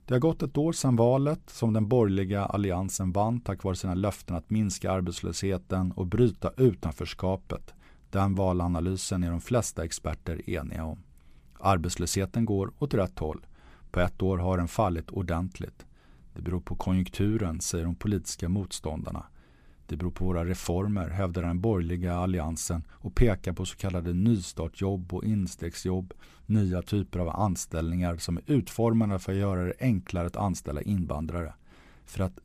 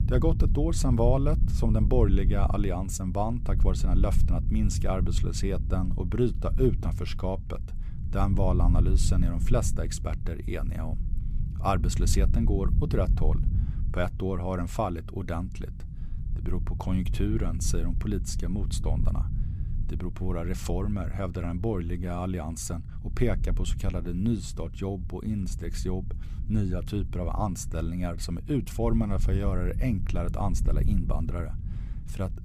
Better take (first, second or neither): first